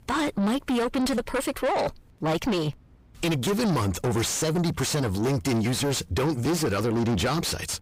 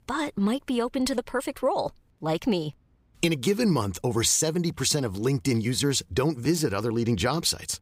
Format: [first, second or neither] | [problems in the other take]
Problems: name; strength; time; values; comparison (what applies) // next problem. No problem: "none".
second | distortion; heavy; 6 dB below the speech